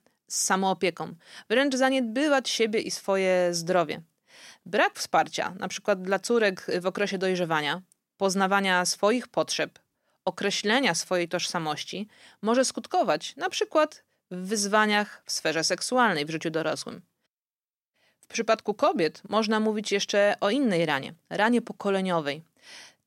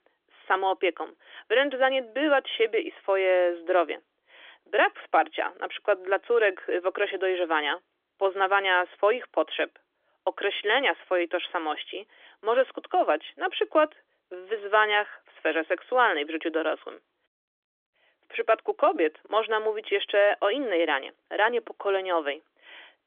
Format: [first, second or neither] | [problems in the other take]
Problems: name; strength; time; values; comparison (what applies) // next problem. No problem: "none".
first | phone-call audio; nothing above 3.5 kHz